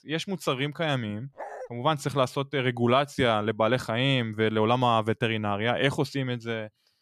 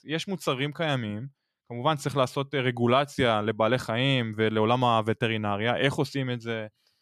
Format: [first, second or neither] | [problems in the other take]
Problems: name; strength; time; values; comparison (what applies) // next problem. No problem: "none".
second | dog barking; faint; at 1.5 s; peak 15 dB below the speech